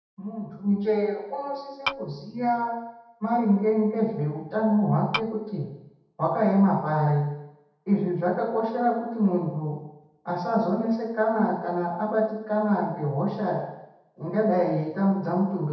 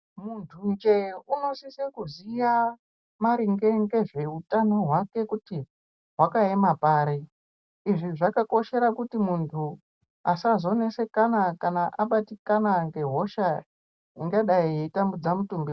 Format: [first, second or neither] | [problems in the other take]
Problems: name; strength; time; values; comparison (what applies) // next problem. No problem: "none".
second | background sound (Tap / Glass); 5 dB below the speech // room echo; dies away in 0.8 s